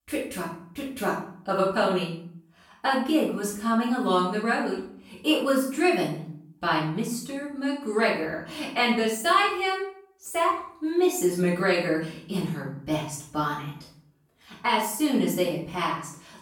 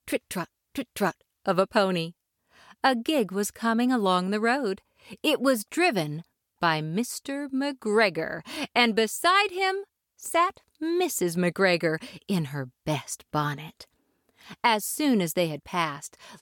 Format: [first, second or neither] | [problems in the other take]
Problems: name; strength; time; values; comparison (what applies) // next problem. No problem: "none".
second | off-mic speech; far // room echo; noticeable; dies away in 0.5 s